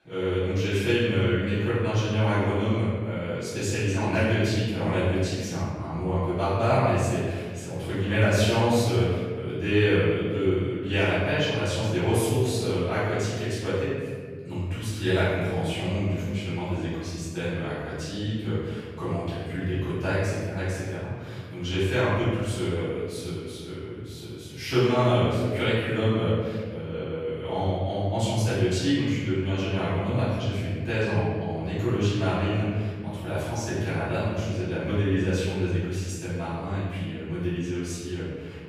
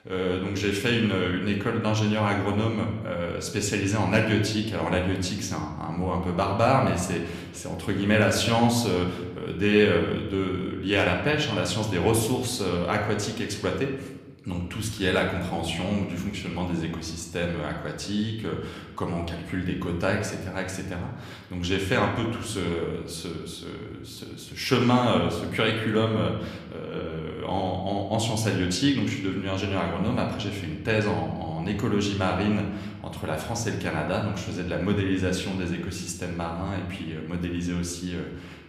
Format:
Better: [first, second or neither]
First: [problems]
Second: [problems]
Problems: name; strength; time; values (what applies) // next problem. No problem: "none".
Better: second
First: room echo; strong; dies away in 1.7 s // off-mic speech; far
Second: room echo; slight; dies away in 0.9 s // off-mic speech; somewhat distant